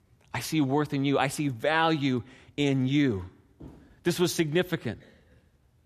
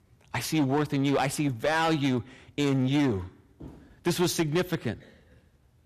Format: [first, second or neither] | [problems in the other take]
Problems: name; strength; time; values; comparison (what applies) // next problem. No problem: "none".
first | distortion; slight; 8% of the sound clipped